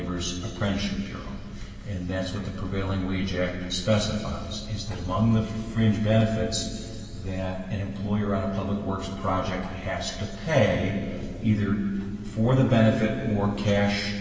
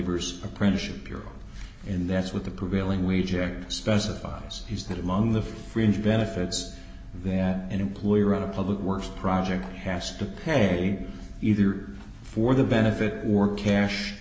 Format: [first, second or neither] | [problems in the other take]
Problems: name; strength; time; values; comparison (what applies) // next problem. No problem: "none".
second | room echo; dies away in 2.4 s